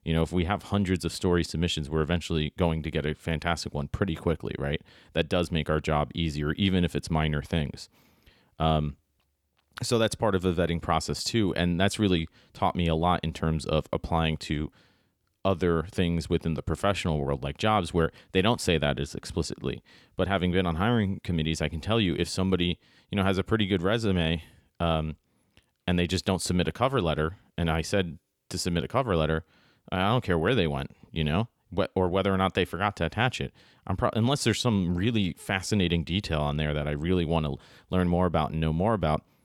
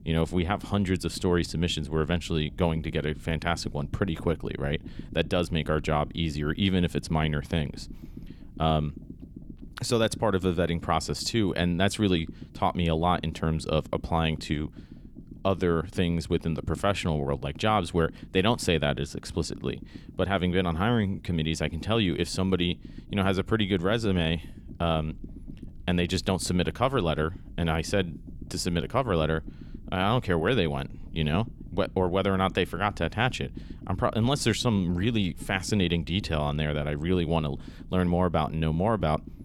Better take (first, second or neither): first